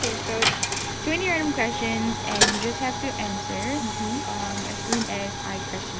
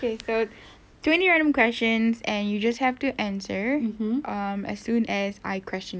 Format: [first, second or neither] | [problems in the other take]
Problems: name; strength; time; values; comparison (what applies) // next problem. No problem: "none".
second | background sound (Coin (dropping)); 2 dB above the speech